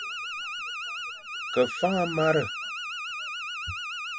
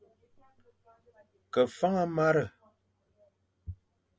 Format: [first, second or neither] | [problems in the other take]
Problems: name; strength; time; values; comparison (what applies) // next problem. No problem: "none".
second | background sound (Alarm); 4 dB below the speech